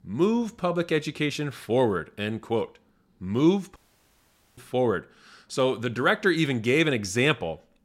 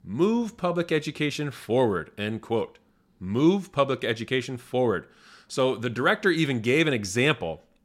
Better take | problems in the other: second | audio cutting out; at 4 s for 1 s

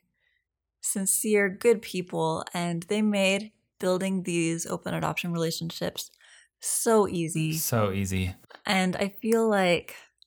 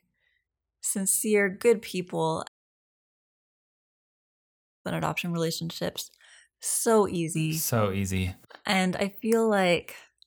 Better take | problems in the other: first | audio cutting out; at 2.5 s for 2.5 s

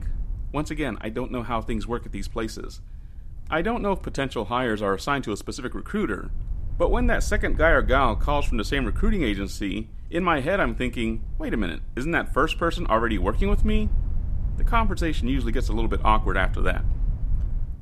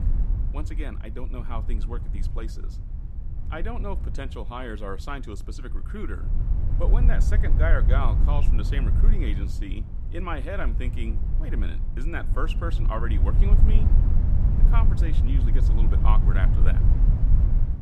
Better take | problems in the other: first | low rumble; loud; throughout; 6 dB below the speech; faint in the first

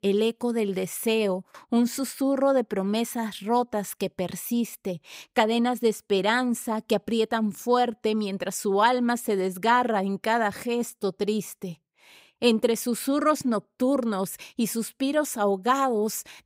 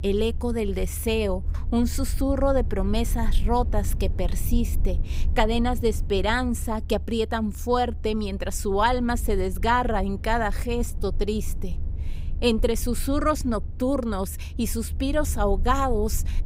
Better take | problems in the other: first | low rumble; faint; throughout; 20 dB below the speech

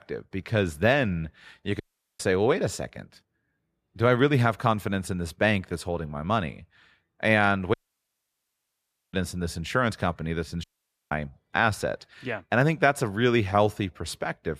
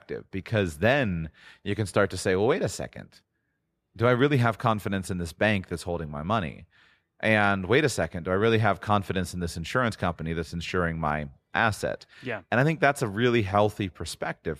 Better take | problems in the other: second | audio cutting out; at 2 s, at 7.5 s for 1.5 s and at 11 s

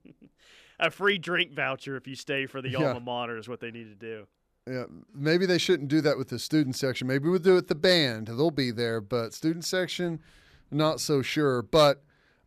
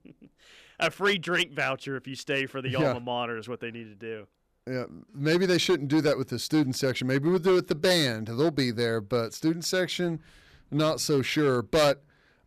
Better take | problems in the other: first | distortion; slight; 5% of the sound clipped

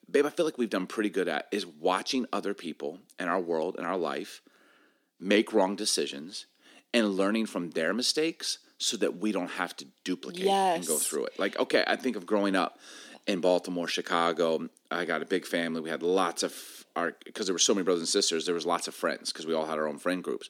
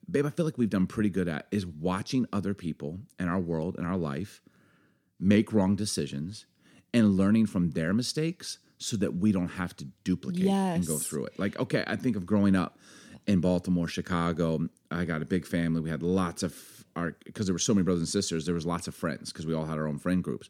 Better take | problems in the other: second | thin; somewhat; fading below 300 Hz

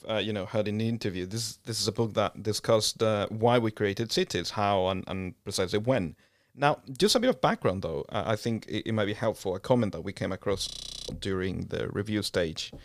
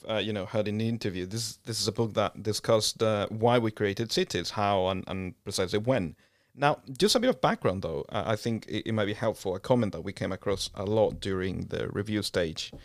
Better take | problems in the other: second | audio freezing; at 11 s

